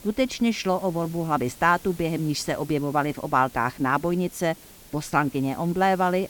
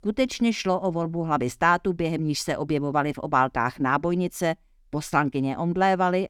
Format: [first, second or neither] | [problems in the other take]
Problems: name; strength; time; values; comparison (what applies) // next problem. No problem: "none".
second | hiss; faint; throughout; 20 dB below the speech